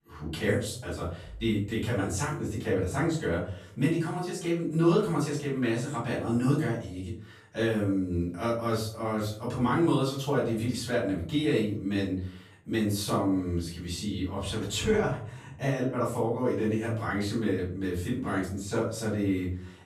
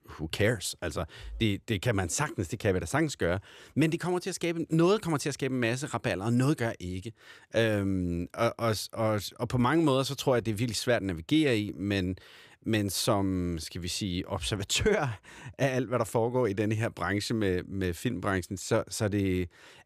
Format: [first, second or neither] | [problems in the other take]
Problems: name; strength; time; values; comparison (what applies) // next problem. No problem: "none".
second | off-mic speech; far // room echo; noticeable; dies away in 0.4 s